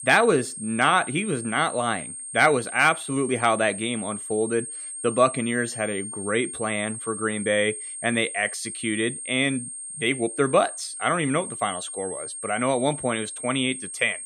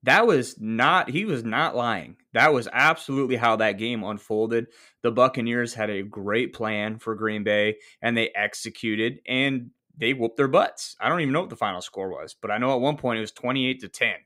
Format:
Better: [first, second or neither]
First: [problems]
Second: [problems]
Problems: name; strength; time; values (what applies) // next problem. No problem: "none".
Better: second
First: high-pitched whine; loud; throughout; 8.5 kHz, 8 dB below the speech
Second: none